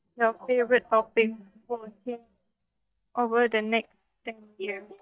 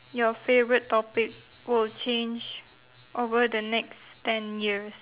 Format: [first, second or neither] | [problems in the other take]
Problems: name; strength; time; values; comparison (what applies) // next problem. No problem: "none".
second | noise reduction (neural mask model DeepFilterNet 3)